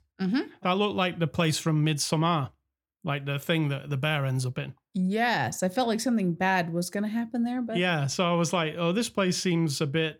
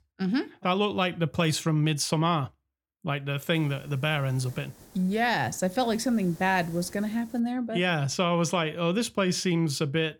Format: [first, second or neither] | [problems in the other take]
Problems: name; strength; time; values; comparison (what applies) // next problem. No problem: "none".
first | hiss; faint; from 3.5 to 7.5 s; 25 dB below the speech